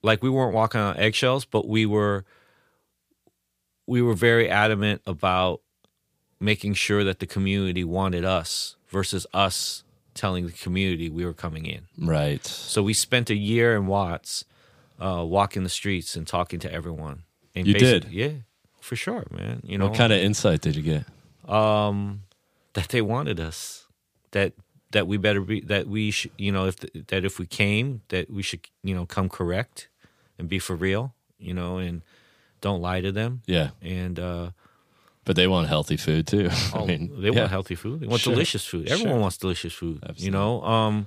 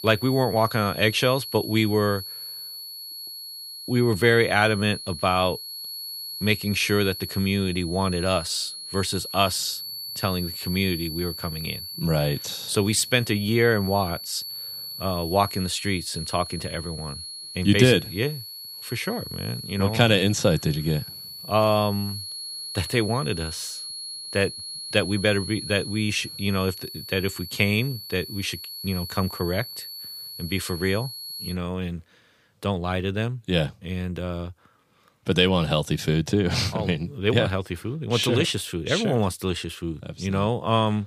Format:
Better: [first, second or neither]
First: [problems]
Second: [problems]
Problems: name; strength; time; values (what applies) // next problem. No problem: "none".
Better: first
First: none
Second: high-pitched whine; loud; until 32 s; 4.5 kHz, 9 dB below the speech